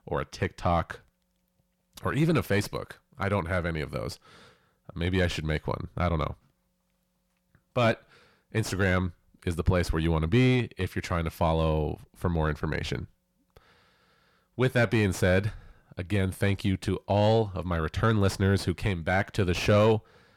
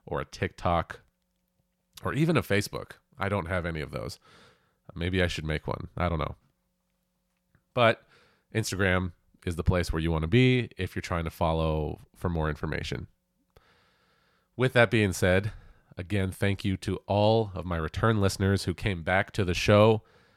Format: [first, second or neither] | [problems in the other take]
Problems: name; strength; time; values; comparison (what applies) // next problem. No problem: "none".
second | distortion; slight; 10 dB below the speech